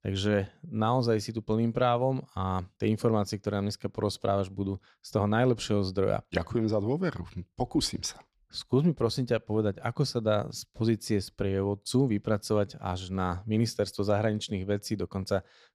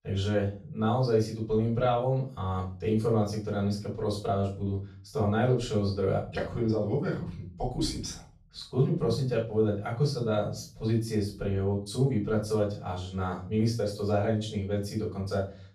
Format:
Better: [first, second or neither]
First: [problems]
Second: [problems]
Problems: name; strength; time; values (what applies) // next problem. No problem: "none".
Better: first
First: none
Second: off-mic speech; far // room echo; slight; dies away in 0.4 s